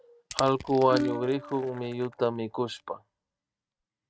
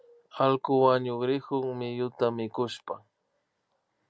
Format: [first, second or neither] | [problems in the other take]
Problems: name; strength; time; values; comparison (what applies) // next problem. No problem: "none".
second | noise reduction (neural mask model RNNoise)